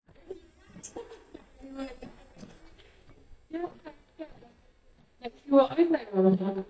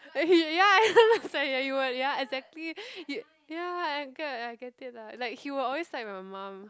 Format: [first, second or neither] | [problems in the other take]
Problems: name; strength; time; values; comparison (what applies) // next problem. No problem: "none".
second | noise reduction (neural mask model DeepFilterNet 3)